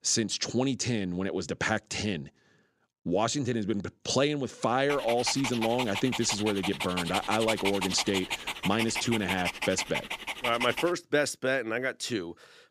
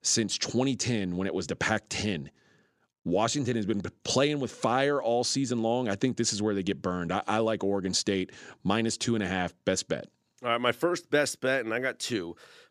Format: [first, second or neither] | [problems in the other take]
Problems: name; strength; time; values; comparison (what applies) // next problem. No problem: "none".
second | dog barking; noticeable; from 5 to 11 s; peak 1 dB below the speech